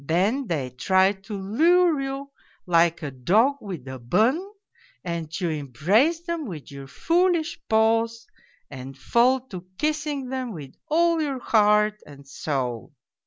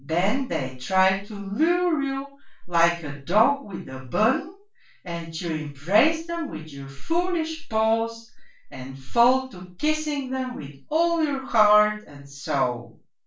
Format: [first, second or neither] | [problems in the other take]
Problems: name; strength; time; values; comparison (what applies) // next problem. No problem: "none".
first | room echo; dies away in 0.3 s